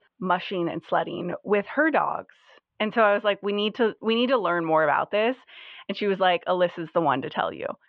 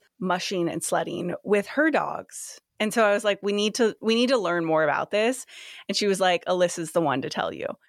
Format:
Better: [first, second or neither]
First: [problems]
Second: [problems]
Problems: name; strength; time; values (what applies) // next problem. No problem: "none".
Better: second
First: muffled; very; fading above 3.5 kHz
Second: none